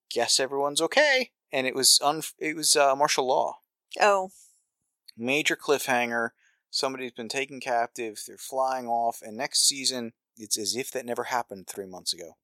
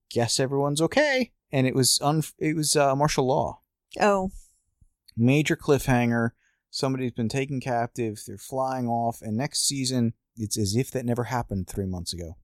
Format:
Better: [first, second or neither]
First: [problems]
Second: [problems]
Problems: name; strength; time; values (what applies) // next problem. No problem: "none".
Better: second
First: thin; somewhat; fading below 500 Hz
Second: none